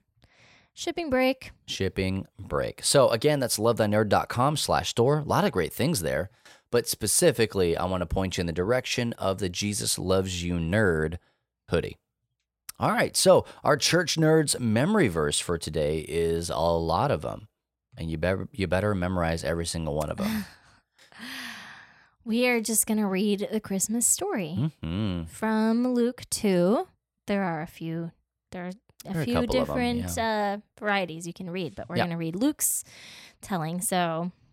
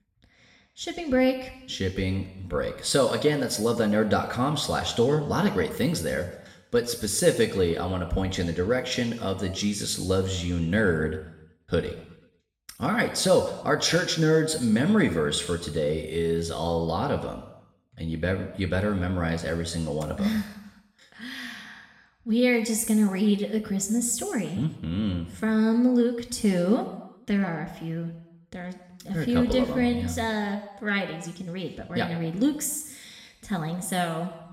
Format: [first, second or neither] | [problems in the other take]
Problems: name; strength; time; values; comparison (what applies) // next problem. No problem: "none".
first | room echo; noticeable; dies away in 0.9 s // off-mic speech; somewhat distant